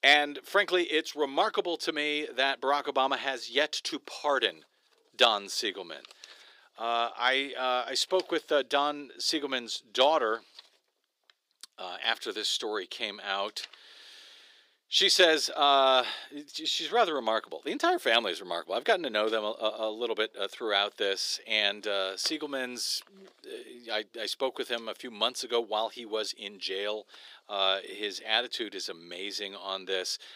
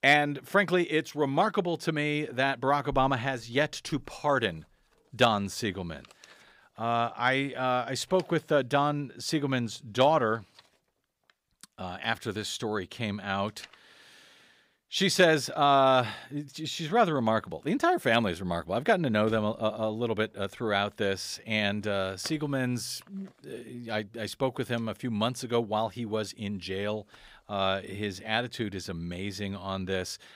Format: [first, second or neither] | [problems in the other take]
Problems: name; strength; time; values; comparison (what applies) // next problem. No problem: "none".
second | thin; somewhat; fading below 350 Hz